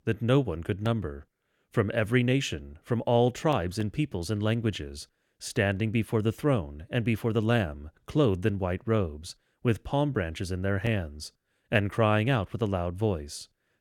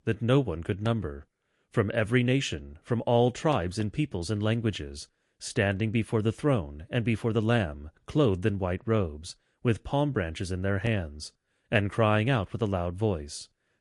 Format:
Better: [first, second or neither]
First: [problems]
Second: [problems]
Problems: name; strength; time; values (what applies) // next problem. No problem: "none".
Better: first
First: none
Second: garbled, watery; slightly; nothing above 11 kHz